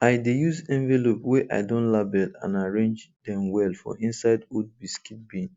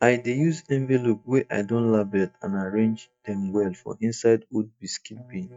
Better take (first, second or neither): first